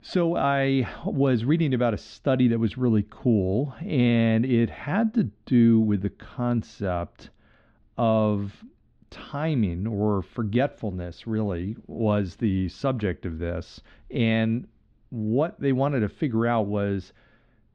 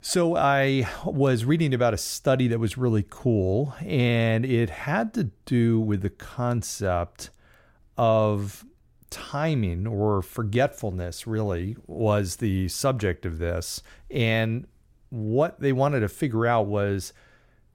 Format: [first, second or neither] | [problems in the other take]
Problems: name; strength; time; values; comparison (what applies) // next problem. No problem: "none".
second | muffled; slightly; fading above 4 kHz